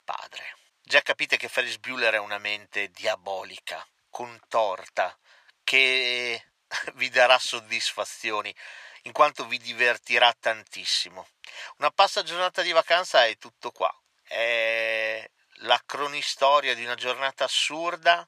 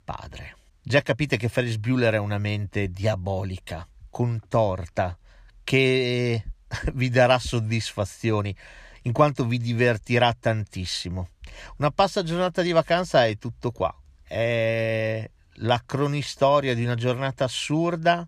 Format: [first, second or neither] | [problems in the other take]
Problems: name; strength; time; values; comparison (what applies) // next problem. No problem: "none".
second | thin; very; fading below 850 Hz